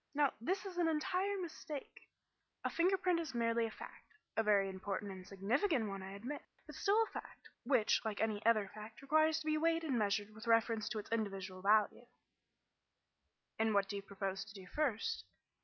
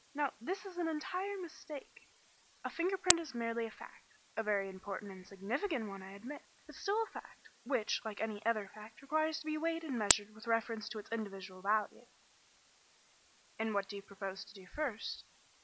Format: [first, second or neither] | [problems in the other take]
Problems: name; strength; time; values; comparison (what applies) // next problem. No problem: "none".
first | background sound (Camera); 6 dB below the speech